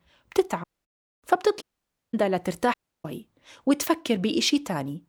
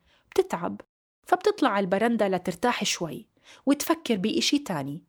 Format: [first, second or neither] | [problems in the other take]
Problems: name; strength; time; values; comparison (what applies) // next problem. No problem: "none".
second | audio cutting out; at 0.5 s, at 1.5 s for 0.5 s and at 2.5 s